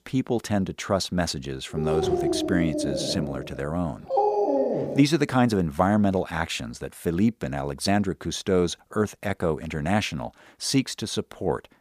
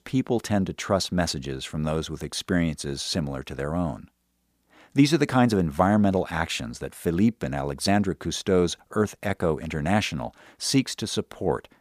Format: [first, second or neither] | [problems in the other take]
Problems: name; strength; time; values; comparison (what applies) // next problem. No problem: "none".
second | dog barking; loud; from 2 to 5 s; peak 4 dB above the speech